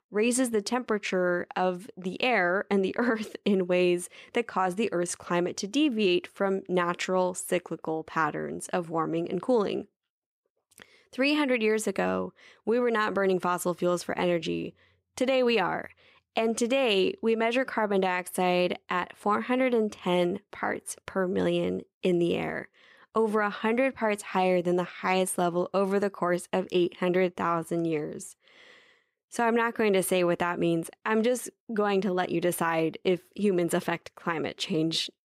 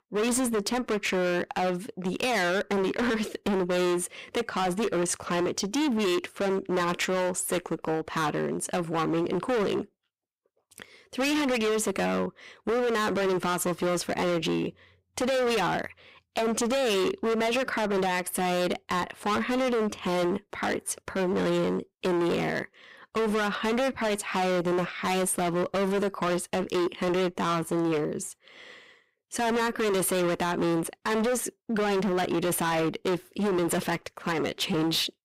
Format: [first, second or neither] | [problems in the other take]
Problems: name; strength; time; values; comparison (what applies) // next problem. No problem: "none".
first | distortion; heavy; 27% of the sound clipped